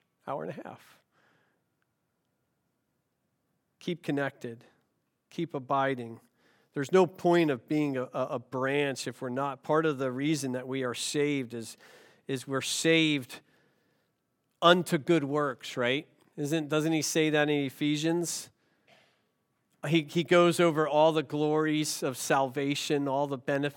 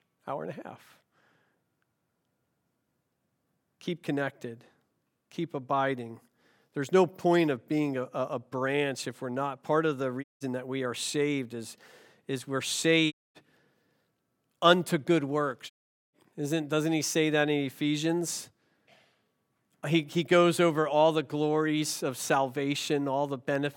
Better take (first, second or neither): first